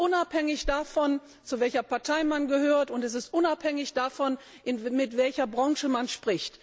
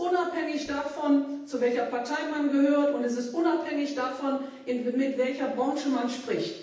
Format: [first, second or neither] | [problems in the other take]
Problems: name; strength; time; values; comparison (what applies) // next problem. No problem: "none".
first | room echo; dies away in 0.9 s